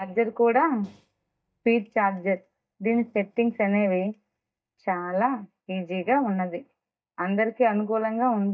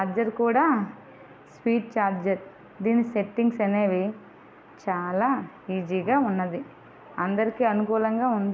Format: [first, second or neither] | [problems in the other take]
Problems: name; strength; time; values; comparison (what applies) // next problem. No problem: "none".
second | noise reduction (neural mask model DeepFilterNet 3)